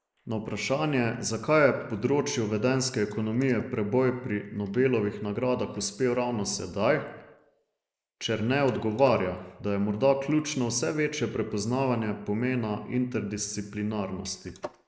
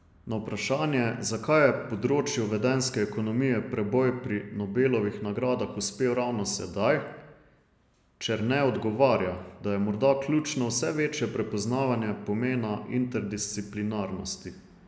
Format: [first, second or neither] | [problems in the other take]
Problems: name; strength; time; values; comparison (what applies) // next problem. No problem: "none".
second | noise reduction (neural mask model Resemble Enhance denoiser)